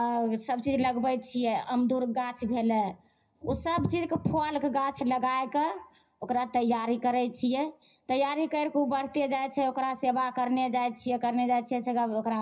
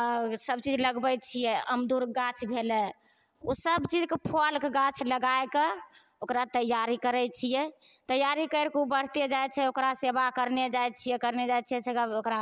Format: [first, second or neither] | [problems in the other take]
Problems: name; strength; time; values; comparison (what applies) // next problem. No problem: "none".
second | room echo; dies away in 0.4 s